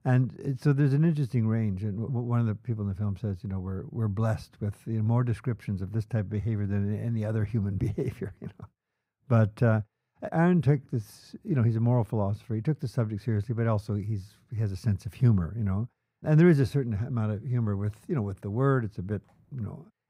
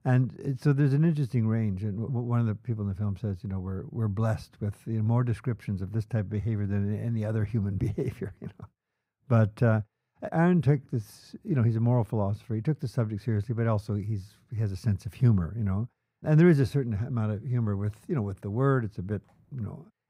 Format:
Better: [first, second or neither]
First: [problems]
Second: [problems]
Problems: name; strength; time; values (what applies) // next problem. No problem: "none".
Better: neither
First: muffled; slightly; fading above 2.5 kHz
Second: muffled; slightly; fading above 2.5 kHz